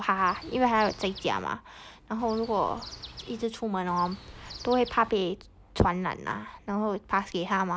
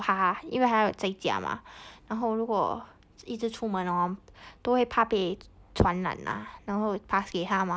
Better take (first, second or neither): second